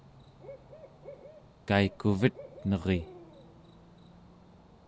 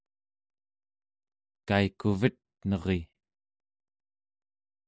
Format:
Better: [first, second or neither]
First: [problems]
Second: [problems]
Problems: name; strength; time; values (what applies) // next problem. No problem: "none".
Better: second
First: background sound (Cricket / Bird); 17 dB below the speech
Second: none